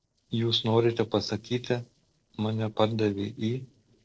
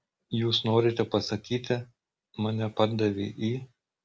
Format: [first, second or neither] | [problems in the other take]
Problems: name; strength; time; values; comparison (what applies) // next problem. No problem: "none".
second | noise reduction (neural separator model SepFormer DNS4)